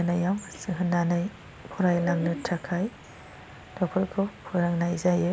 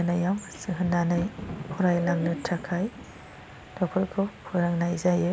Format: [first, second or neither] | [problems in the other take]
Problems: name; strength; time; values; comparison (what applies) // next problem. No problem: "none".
first | background sound (Thunder); 16 dB below the speech